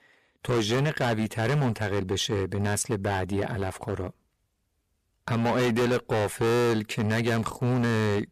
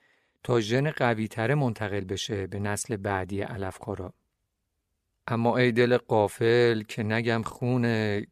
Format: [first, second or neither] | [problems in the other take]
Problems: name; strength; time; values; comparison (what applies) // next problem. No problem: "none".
second | distortion; heavy; 17% of the sound clipped